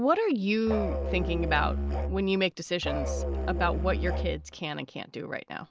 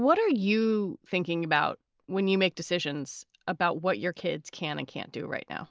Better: second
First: background sound (Musical instrument); 1 dB below the speech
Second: none

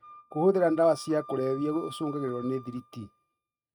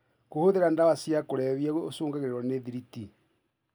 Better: second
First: noise reduction (neural mask model RNNoise)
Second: none

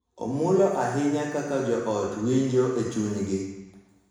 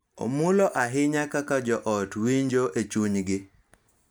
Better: second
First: room echo; dies away in 1 s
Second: none

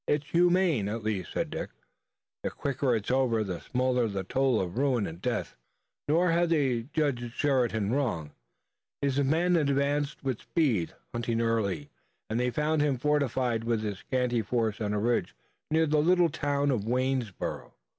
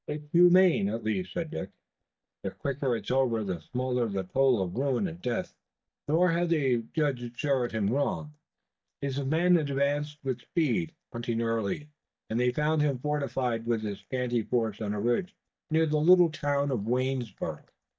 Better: first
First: none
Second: noise reduction (neural mask model DeepFilterNet 3)

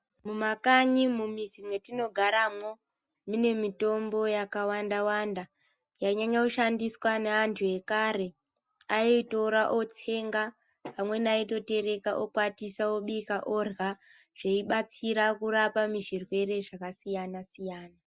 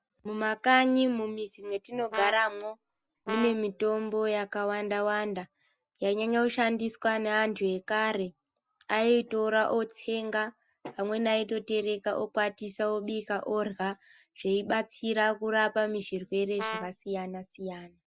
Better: first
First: none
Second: background sound (Brass instrument); 10 dB below the speech

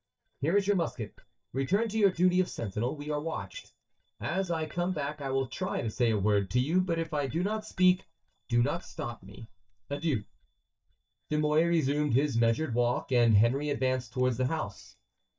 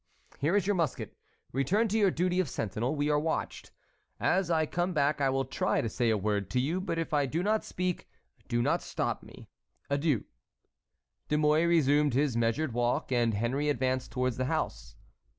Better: second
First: noise reduction (neural mask model DeepFilterNet 3)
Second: none

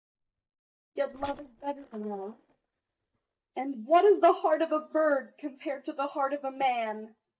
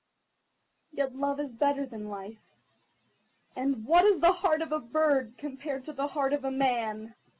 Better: second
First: noise reduction (neural mask model DeepFilterNet 3)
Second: none

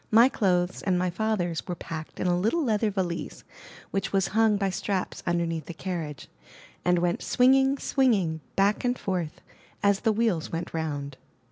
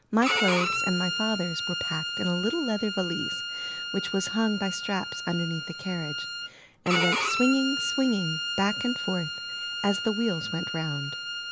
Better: first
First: none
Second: background sound (Bowed string instrument); 2 dB below the speech

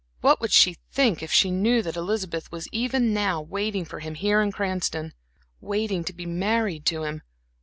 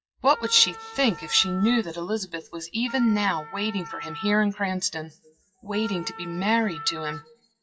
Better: first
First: none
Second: noise reduction (classical method WPE with log-MMSE)

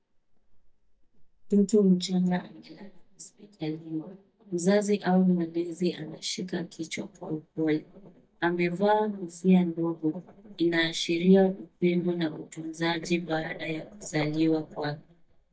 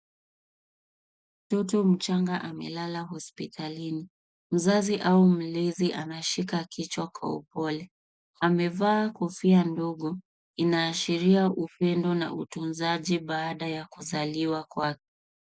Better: second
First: noise reduction (neural mask model DeepFilterNet 3)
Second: none

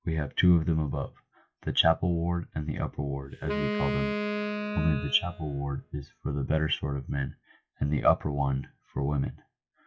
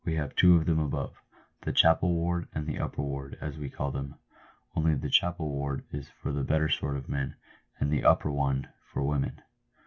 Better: second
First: noise reduction (classical method log-MMSE)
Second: none

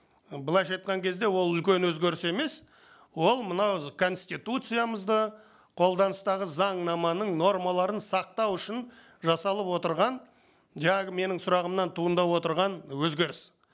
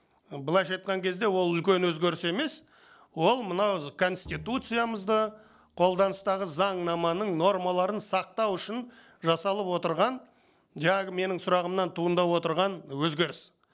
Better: first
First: none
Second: noise reduction (neural separator model SepFormer DNS4)

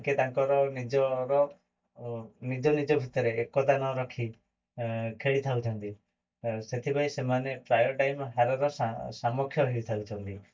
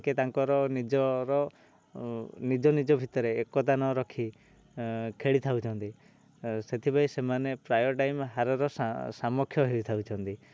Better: second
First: noise reduction (neural mask model DeepFilterNet 3)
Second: none

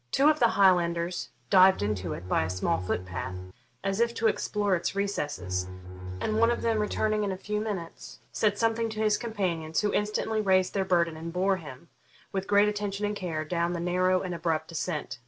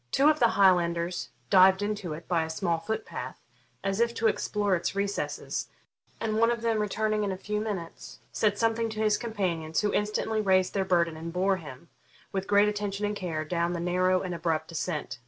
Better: second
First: background sound (Bowed string instrument); 8 dB below the speech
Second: none

